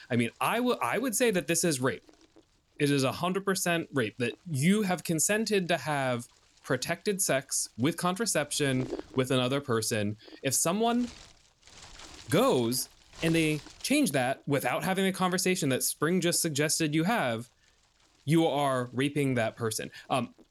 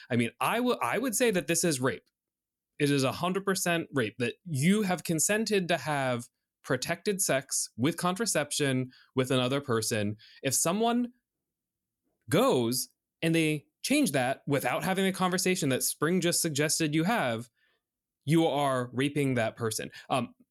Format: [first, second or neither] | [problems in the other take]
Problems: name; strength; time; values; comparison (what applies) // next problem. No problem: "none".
second | wind noise on the microphone; occasional gusts; 20 dB below the speech